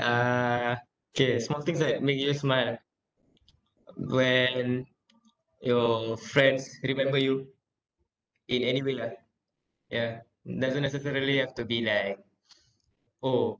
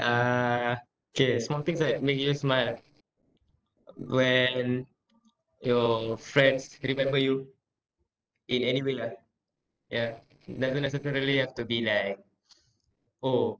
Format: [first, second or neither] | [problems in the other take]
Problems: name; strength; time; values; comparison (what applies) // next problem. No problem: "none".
first | noise reduction (neural separator model SepFormer DNS4)